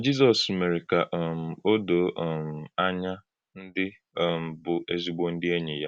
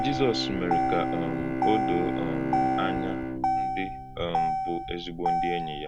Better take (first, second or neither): first